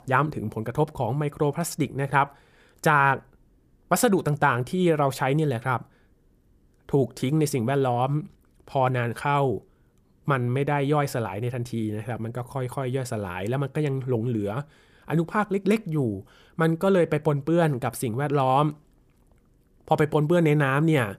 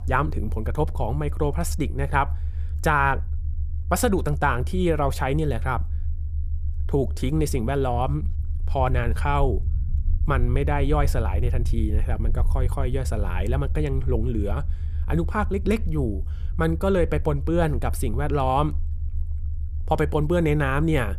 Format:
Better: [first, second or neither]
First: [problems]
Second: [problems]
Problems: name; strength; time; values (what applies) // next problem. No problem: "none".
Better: first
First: none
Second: low rumble; faint; throughout; 20 dB below the speech